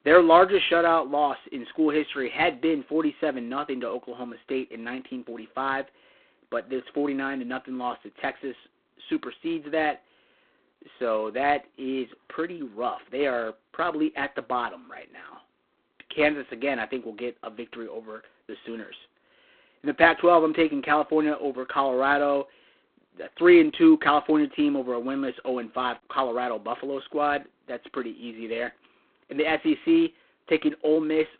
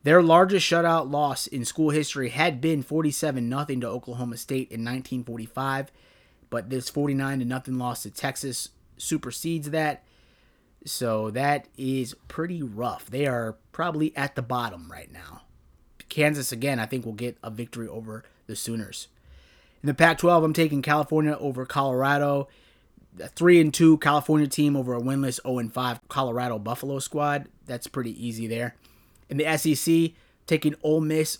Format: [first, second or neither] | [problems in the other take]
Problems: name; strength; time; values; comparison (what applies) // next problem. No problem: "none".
second | phone-call audio; poor line; nothing above 3.5 kHz